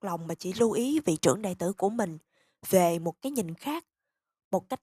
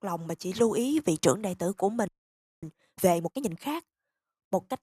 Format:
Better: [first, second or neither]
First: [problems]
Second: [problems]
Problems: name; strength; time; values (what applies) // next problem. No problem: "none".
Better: first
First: none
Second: audio freezing; at 2 s for 0.5 s